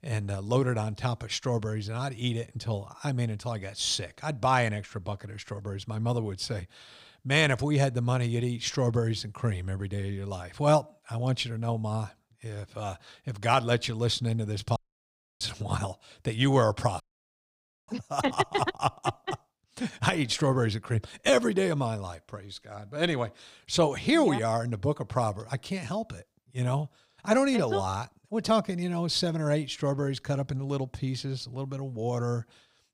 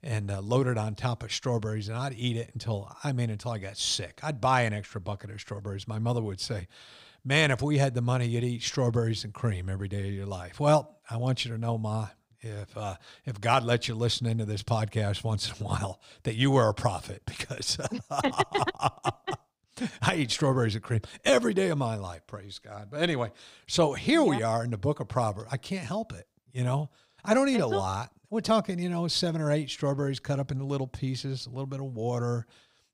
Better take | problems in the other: second | audio cutting out; at 15 s for 0.5 s and at 17 s for 1 s

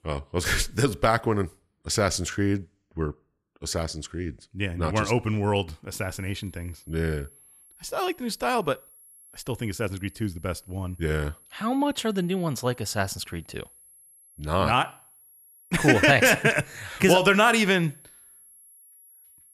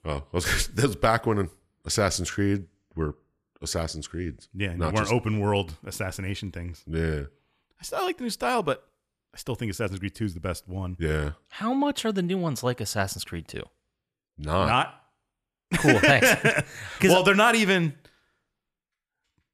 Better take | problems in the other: second | high-pitched whine; faint; from 6 s on; 11 kHz, 25 dB below the speech

